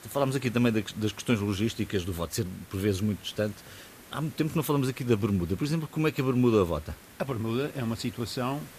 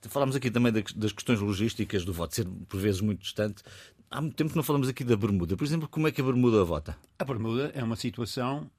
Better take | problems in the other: second | hiss; faint; throughout; 20 dB below the speech

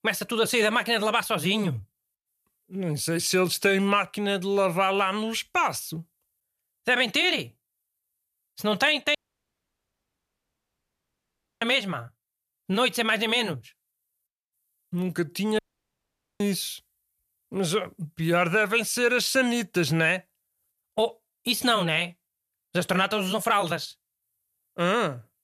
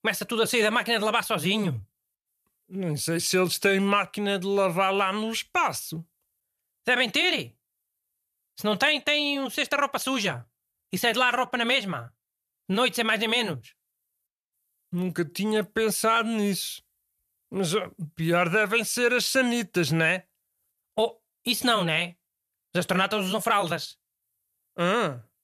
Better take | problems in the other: second | audio cutting out; at 9 s for 2.5 s and at 16 s for 1 s

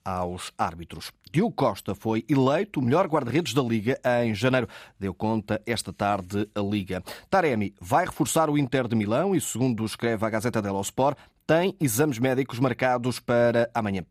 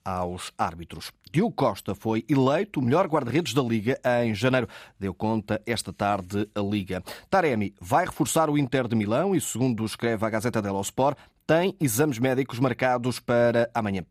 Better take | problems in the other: neither | none

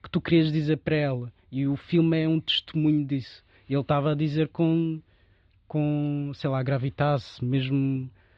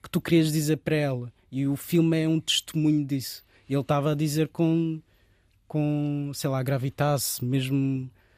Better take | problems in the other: second | muffled; slightly; fading above 4 kHz

